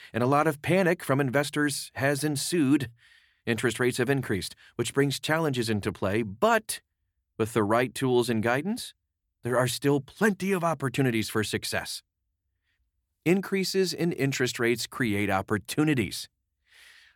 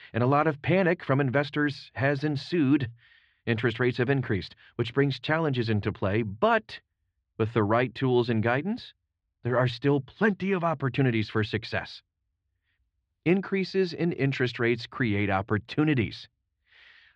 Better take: first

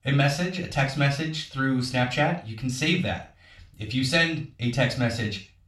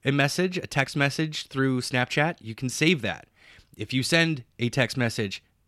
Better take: second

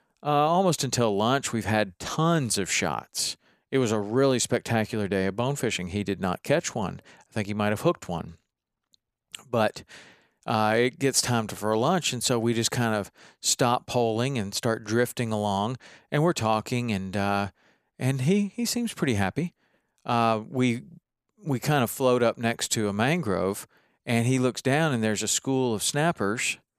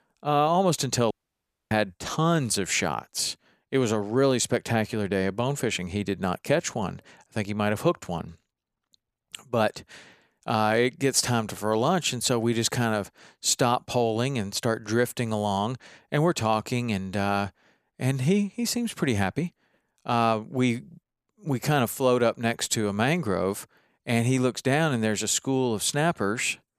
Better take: first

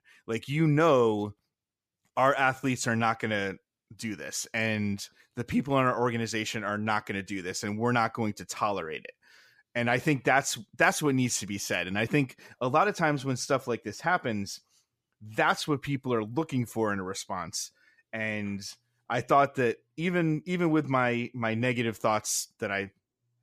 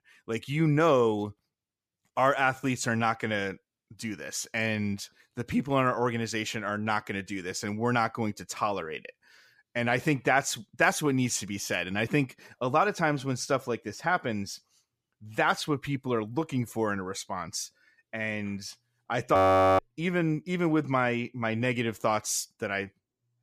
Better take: first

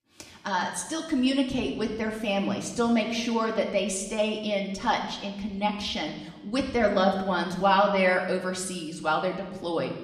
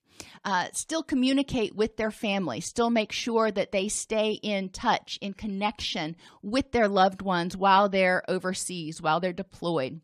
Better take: second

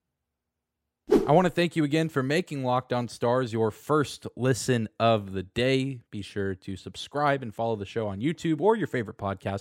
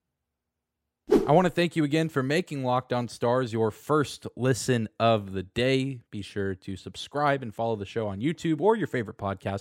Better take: neither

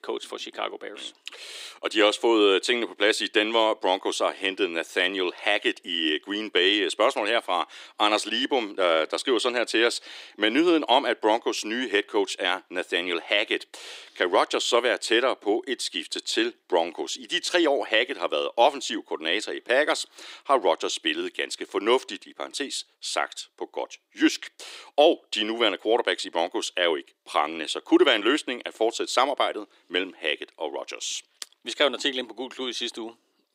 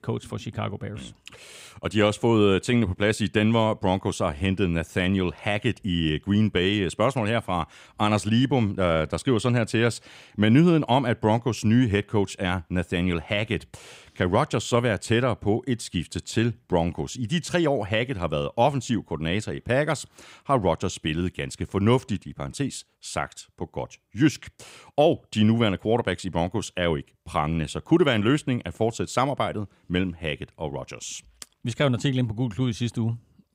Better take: second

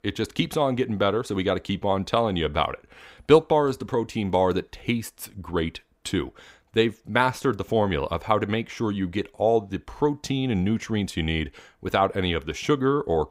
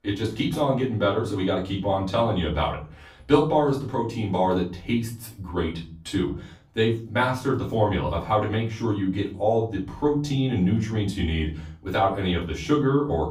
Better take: first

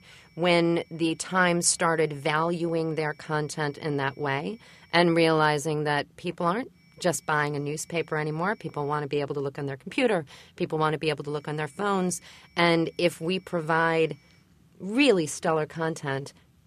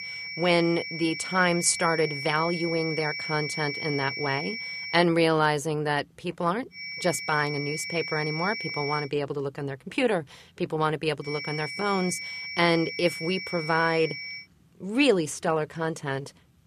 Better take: first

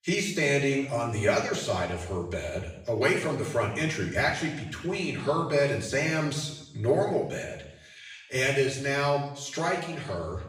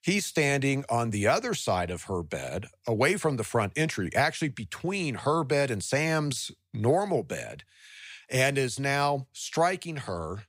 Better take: second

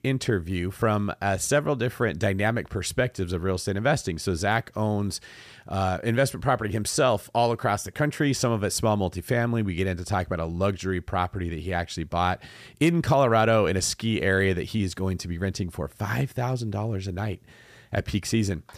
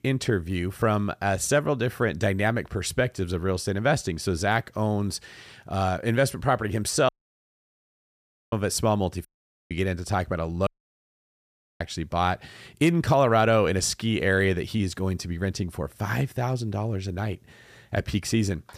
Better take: first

